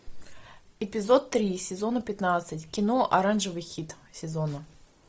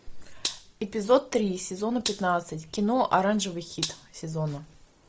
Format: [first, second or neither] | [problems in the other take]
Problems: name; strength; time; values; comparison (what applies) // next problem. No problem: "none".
first | background sound (Gunshot, gunfire); 11 dB below the speech